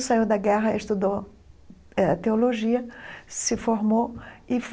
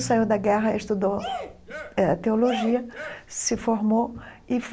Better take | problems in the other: first | background sound (Cheering + Drum); 14 dB below the speech

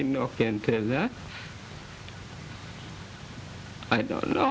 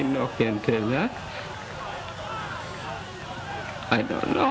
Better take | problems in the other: first | background sound (Crowd / Cheering); 8 dB below the speech

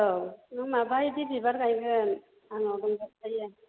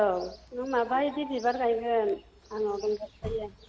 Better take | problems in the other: first | background sound (Wind instrument, woodwind instrument + Chirp, tweet); 18 dB below the speech

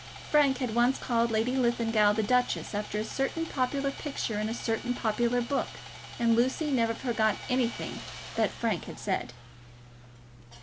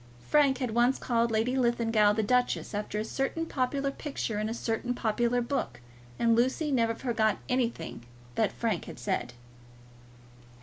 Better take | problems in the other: second | background sound (Sawing); 15 dB below the speech

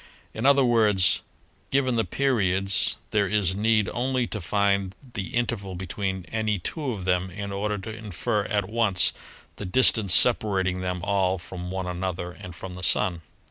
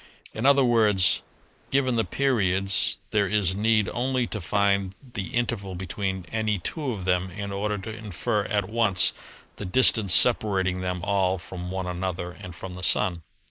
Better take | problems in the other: first | noise reduction (neural mask model Resemble Enhance denoiser)

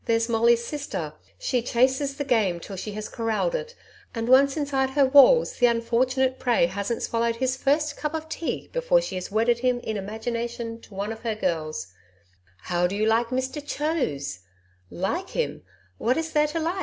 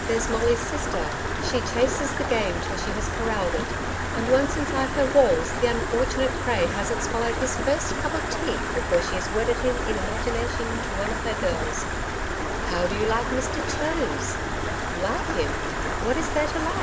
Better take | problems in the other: first | background sound (Stream); as loud as the speech

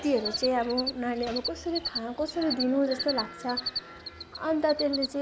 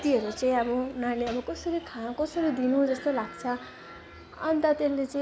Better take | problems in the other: second | background sound (Cricket); 8 dB below the speech

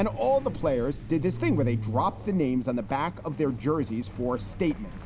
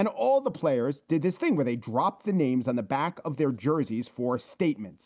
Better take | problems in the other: second | background sound (Truck); 8 dB below the speech

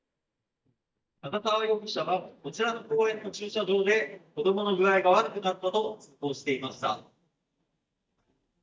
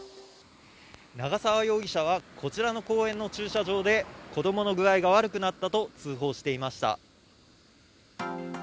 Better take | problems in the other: second | noise reduction (neural mask model DeepFilterNet 3)

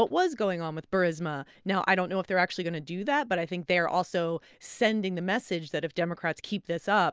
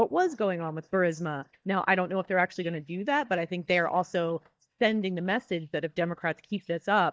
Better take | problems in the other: first | noise reduction (neural mask model DeepFilterNet 3)

